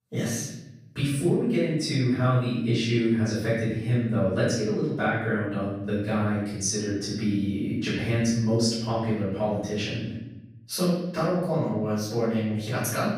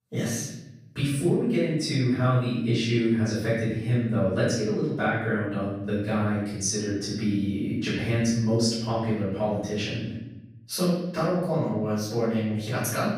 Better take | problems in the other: neither | off-mic speech; far; the same in both // room echo; noticeable; dies away in 1 s; the same in both

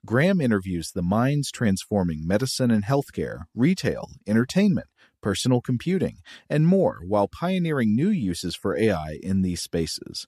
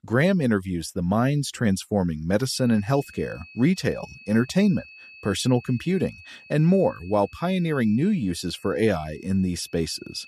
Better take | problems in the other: first | high-pitched whine; faint; from 2.5 s on; 2.5 kHz, 20 dB below the speech

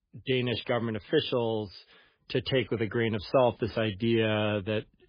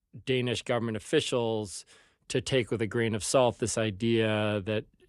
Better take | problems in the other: second | garbled, watery; badly; nothing above 5 kHz

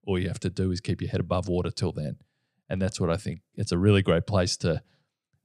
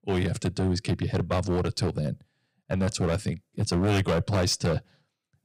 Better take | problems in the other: first | distortion; heavy; 12% of the sound clipped

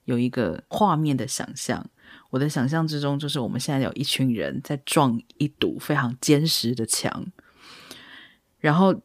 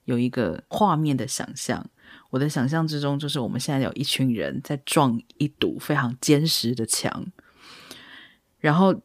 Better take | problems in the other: neither | none

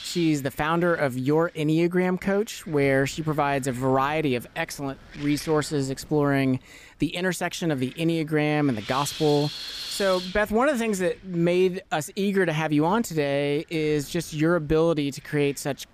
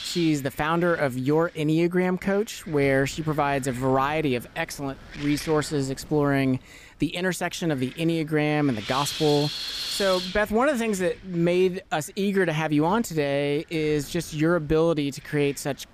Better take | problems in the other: first | wind noise on the microphone; heavy; 9 dB below the speech; occasional gusts in the first

